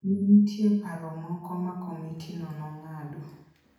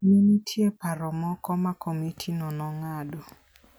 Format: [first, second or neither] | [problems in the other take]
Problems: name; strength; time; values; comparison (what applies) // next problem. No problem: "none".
second | room echo; dies away in 0.8 s